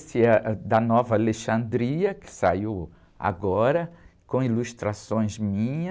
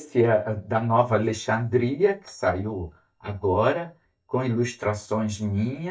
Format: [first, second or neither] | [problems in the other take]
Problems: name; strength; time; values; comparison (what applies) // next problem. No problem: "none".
first | noise reduction (neural mask model DeepFilterNet 3)